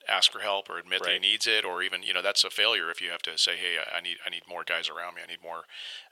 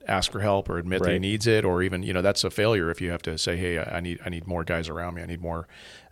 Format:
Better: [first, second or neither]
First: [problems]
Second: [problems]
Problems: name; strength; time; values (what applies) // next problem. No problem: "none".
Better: second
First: thin; very; fading below 800 Hz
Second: none